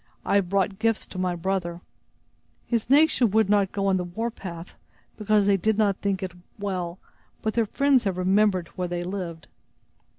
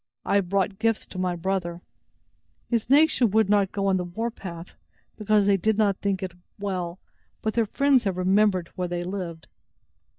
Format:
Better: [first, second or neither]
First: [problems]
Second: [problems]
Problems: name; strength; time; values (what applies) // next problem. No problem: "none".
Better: first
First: none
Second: noise reduction (neural mask model DeepFilterNet 3)